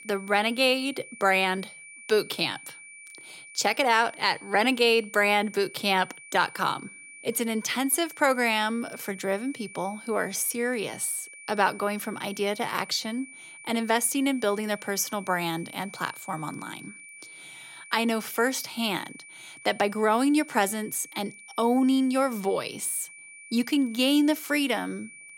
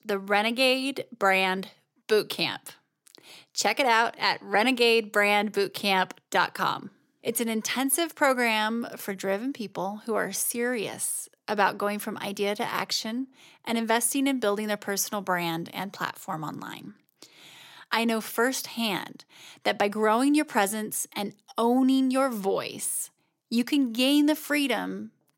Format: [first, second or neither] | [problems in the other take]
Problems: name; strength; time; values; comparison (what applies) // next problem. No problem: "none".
second | high-pitched whine; noticeable; throughout; 2.5 kHz, 20 dB below the speech